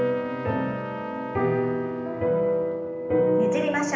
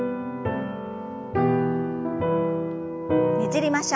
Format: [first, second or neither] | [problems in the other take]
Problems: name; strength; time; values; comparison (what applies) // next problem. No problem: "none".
second | background sound (Trumpet); 15 dB below the speech // room echo; dies away in 0.8 s